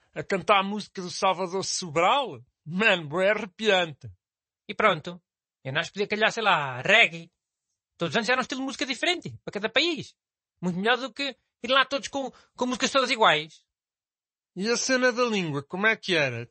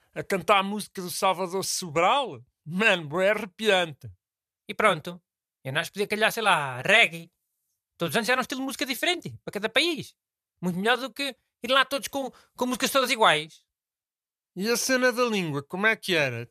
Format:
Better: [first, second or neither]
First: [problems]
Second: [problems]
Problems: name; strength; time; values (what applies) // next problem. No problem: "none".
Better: second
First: garbled, watery; slightly; nothing above 8 kHz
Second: none